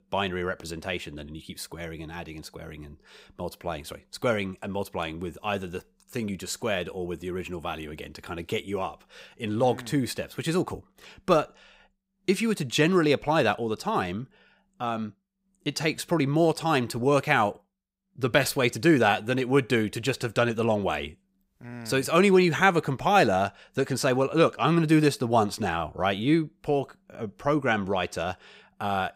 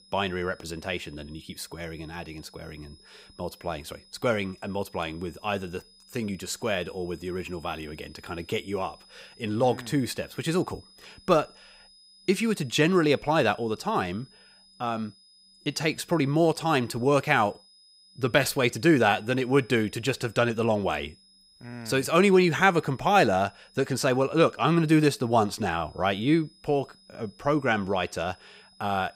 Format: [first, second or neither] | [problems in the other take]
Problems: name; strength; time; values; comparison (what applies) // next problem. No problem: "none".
first | high-pitched whine; faint; throughout; 5 kHz, 30 dB below the speech